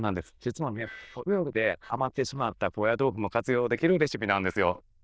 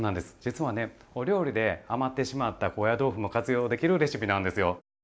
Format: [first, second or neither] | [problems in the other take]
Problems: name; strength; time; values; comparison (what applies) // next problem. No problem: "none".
second | noise reduction (neural diffusion model UNIVERSE++)